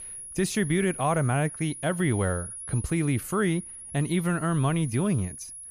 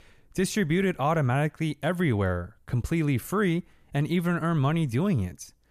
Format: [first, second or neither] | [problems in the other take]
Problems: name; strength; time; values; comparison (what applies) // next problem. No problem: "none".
second | high-pitched whine; noticeable; throughout; 10.5 kHz, 10 dB below the speech